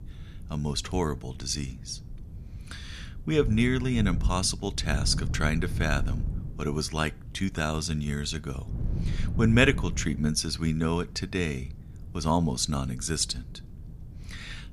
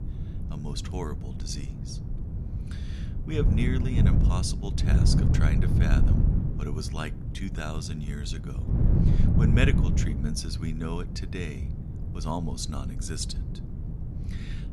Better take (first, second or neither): first